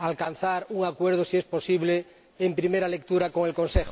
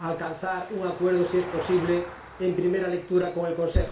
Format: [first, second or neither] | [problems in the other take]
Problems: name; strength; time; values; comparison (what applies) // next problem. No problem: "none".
first | background sound (Vehicle); 16 dB below the speech // room echo; dies away in 0.5 s